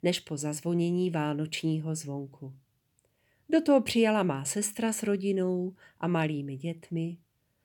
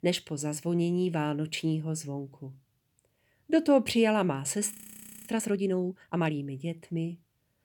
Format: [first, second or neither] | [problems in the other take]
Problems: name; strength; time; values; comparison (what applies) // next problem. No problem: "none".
first | audio freezing; at 4.5 s for 0.5 s